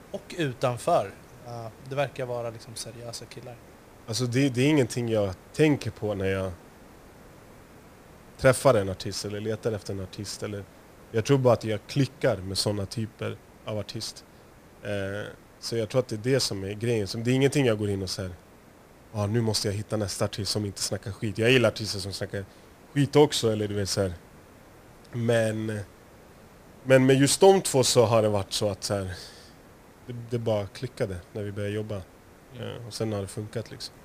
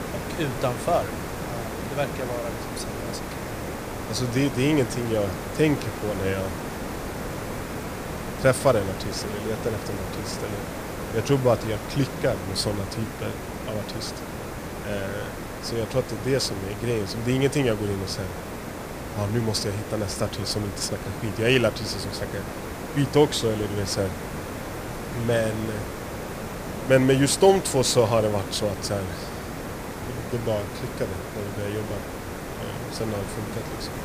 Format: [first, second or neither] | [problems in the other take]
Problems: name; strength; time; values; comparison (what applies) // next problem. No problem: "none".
first | hiss; loud; throughout; 7 dB below the speech; faint in the first